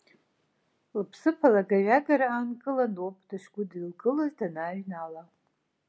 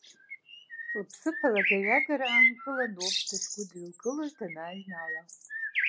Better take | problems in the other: first | background sound (Bird); 3 dB above the speech

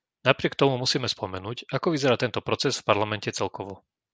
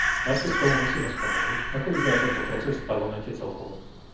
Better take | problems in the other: first | background sound (Crow); as loud as the speech // room echo; dies away in 0.7 s

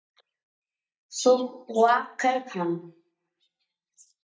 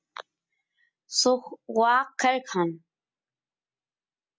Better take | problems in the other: second | noise reduction (neural mask model DeepFilterNet 3)

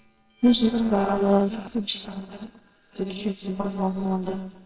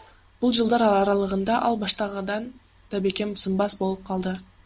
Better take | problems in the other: second | noise reduction (neural separator model SepFormer WHAMR!)

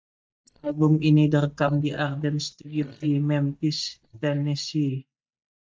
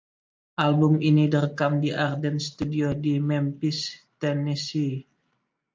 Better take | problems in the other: second | noise reduction (neural mask model DeepFilterNet 3)

